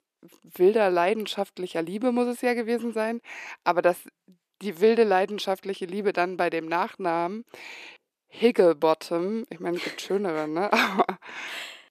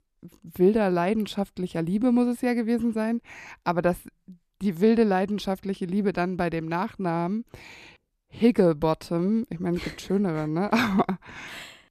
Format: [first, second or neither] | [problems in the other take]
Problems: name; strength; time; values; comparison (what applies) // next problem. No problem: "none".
second | thin; somewhat; fading below 400 Hz